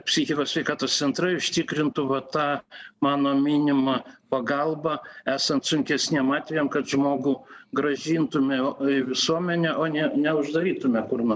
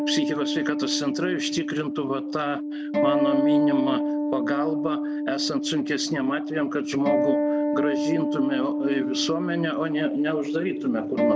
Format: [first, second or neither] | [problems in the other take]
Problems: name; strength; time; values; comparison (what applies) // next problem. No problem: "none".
first | background sound (Acoustic guitar); 1 dB above the speech